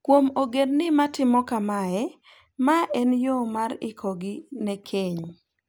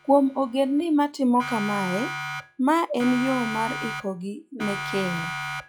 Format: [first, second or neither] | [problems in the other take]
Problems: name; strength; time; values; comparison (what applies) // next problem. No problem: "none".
first | noise reduction (classical method log-MMSE)